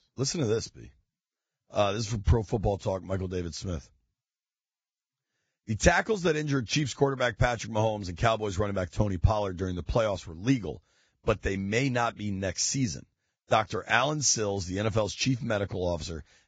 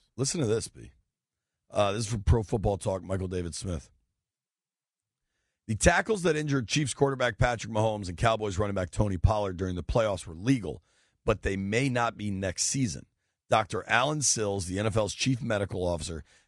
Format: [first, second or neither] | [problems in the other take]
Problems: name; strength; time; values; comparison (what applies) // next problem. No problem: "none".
second | garbled, watery; badly; nothing above 7.5 kHz; slightly in the second